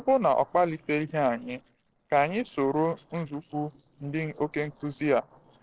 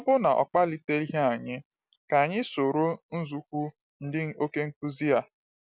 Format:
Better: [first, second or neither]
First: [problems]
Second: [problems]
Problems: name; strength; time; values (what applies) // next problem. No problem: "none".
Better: second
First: noise reduction (neural separator model SepFormer DNS4)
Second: none